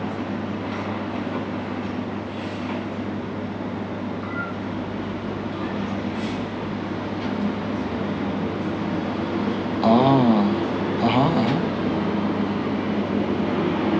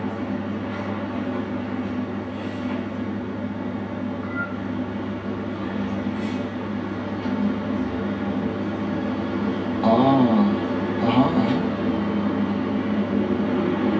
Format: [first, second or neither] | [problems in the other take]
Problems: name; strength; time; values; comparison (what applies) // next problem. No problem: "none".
first | room echo; dies away in 0.2 s